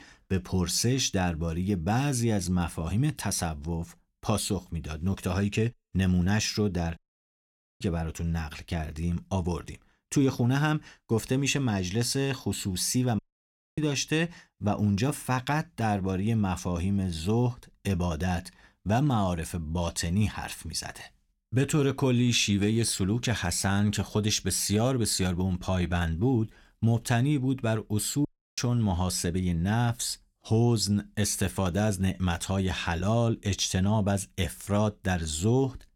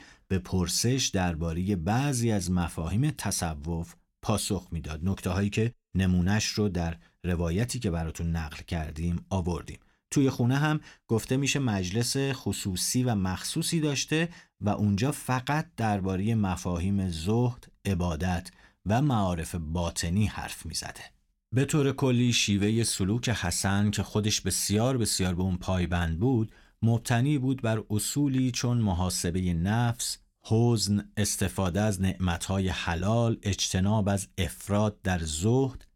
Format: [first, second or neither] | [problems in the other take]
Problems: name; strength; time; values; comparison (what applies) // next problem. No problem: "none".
second | audio cutting out; at 7 s for 1 s, at 13 s for 0.5 s and at 28 s